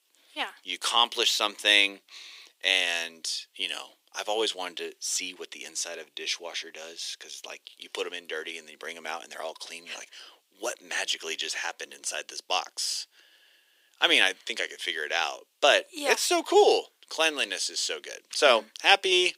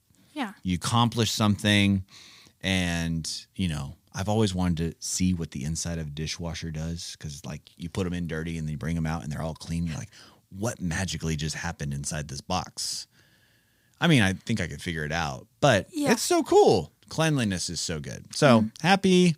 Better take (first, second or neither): second